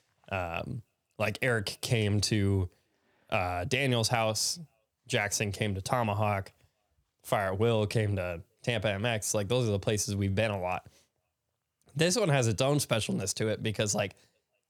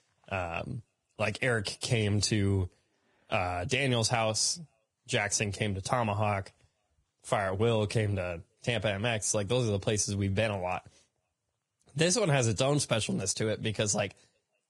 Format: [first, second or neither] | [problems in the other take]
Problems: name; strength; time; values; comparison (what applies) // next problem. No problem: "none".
first | garbled, watery; badly; nothing above 10 kHz